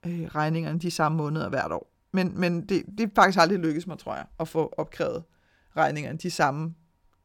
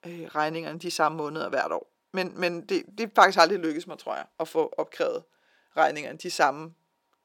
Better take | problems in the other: first | thin; somewhat; fading below 400 Hz

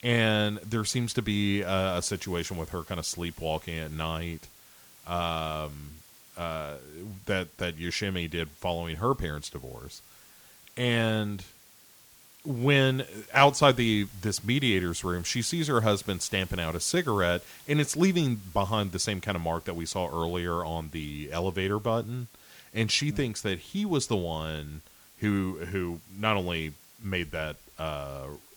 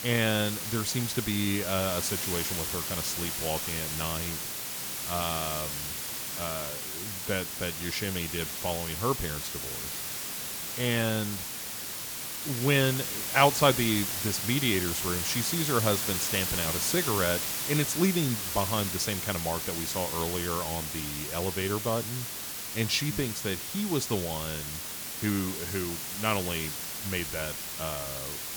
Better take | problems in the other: first | hiss; loud; throughout; 1 dB below the speech; faint in the first

